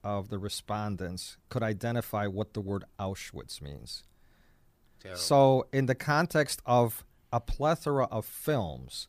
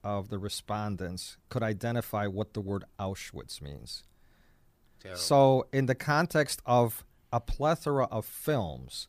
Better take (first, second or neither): neither